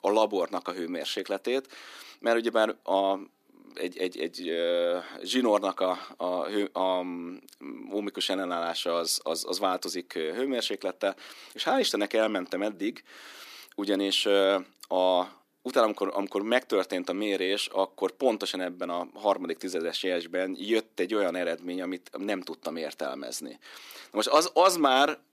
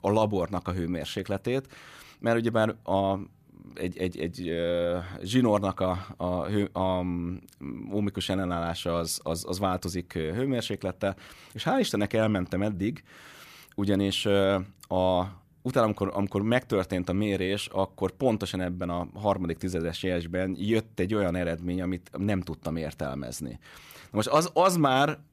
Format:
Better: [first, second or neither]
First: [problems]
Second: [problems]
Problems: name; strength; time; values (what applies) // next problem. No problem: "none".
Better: second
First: thin; very slightly; fading below 300 Hz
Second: none